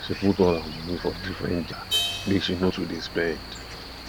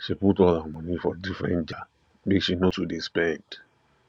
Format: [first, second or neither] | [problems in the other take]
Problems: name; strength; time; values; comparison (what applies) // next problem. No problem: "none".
second | background sound (Cricket + Crash cymbal); 7 dB below the speech